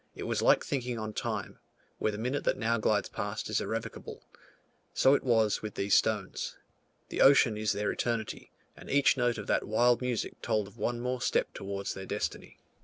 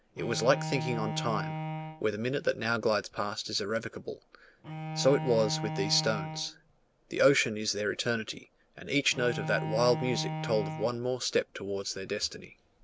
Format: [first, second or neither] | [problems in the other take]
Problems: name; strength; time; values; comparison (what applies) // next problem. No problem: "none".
first | background sound (Bowed string instrument); 8 dB below the speech